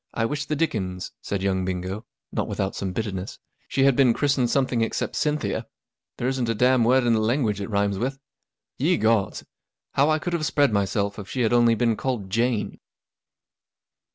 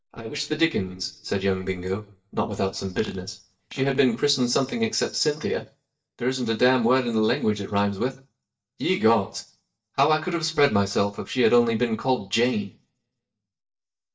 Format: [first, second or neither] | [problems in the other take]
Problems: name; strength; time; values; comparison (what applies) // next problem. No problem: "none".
first | noise reduction (neural mask model DeepFilterNet 3)